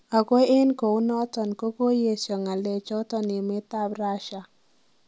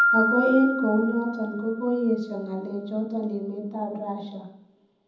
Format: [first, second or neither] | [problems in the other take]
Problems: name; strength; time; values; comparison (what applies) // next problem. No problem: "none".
first | background sound (Piano); 4 dB below the speech // room echo; dies away in 0.8 s